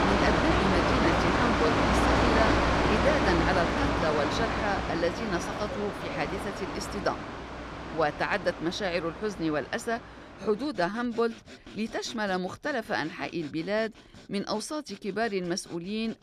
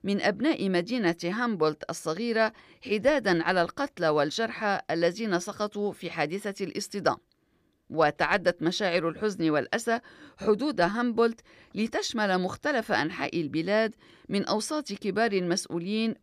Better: second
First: machinery noise; very loud; throughout; 3 dB above the speech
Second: none

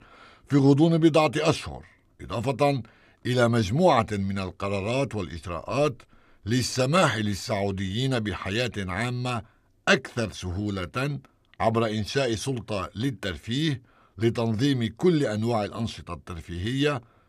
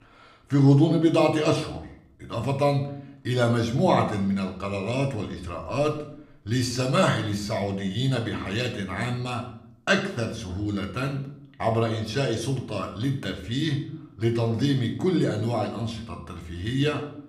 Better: first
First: none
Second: room echo; slight; dies away in 0.5 s

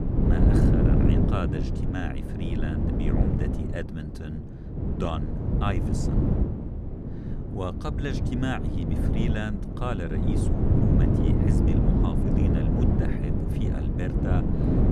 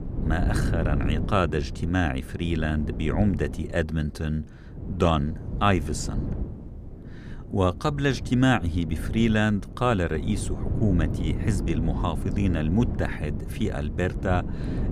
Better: second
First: wind noise on the microphone; heavy; 3 dB above the speech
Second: wind noise on the microphone; occasional gusts; 10 dB below the speech

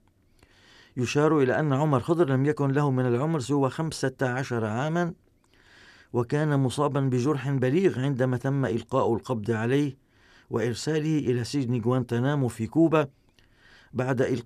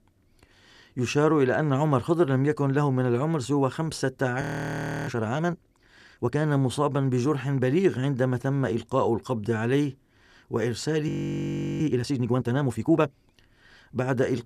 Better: first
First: none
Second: audio freezing; at 4.5 s for 0.5 s and at 11 s for 0.5 s

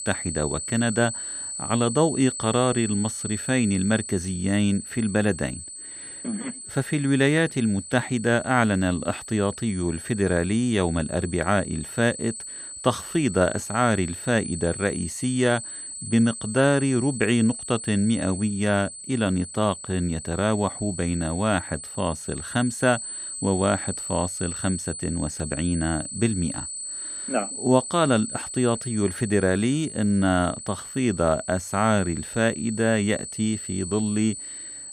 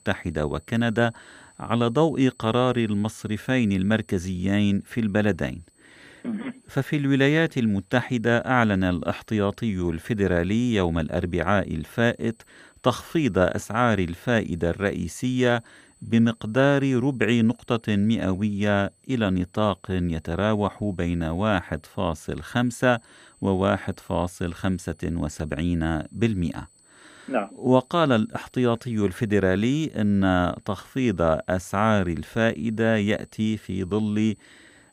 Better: second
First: high-pitched whine; loud; throughout; 8 kHz, 8 dB below the speech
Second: high-pitched whine; faint; throughout; 8 kHz, 35 dB below the speech

